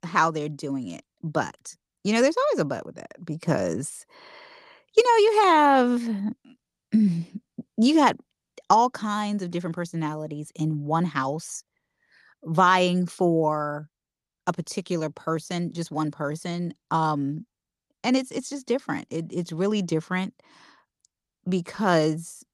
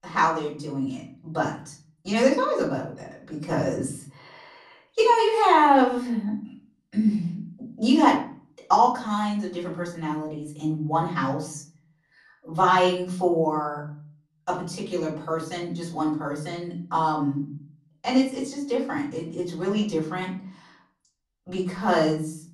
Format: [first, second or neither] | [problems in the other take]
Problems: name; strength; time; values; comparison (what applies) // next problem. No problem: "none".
first | off-mic speech; far // room echo; slight; dies away in 0.5 s